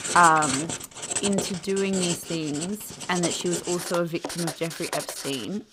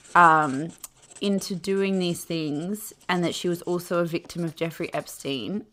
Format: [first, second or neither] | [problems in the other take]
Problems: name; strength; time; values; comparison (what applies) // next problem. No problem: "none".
second | household noises; loud; throughout; 4 dB below the speech; faint in the second